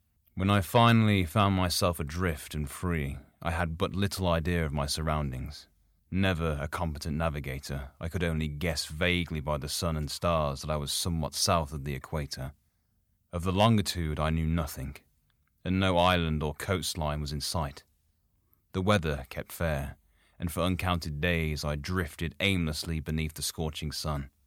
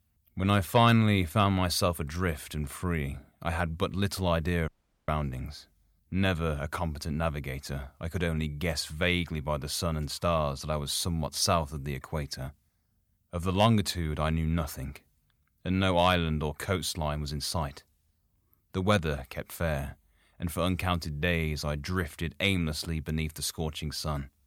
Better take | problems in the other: first | audio cutting out; at 4.5 s

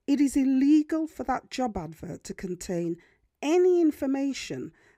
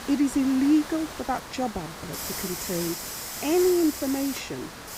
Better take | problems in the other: first | hiss; loud; throughout; 8 dB below the speech

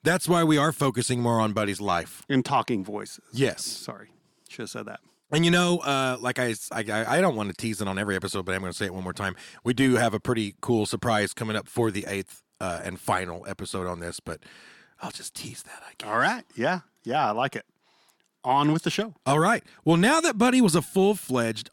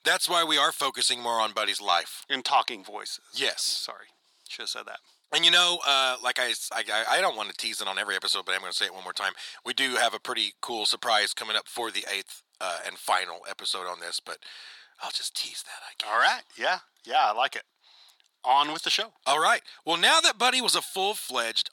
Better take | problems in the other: first | thin; very; fading below 750 Hz

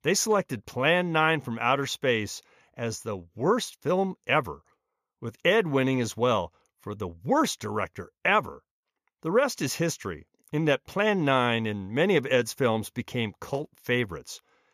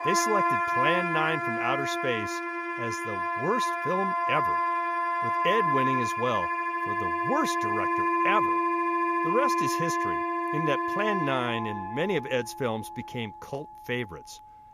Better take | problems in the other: first | background music; very loud; throughout; 4 dB above the speech

